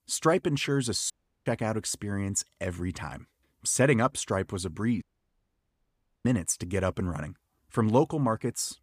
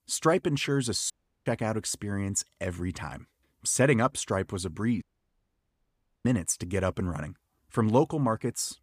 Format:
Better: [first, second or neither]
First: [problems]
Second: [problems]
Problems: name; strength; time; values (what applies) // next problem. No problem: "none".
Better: neither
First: audio cutting out; at 1 s and at 5 s for 1 s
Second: audio cutting out; at 1 s and at 5 s for 1 s